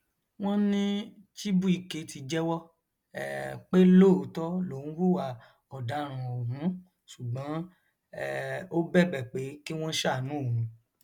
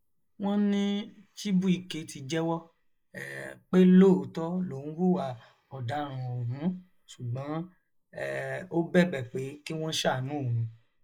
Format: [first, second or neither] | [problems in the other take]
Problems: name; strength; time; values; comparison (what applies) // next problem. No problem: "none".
first | noise reduction (neural mask model Resemble Enhance denoiser)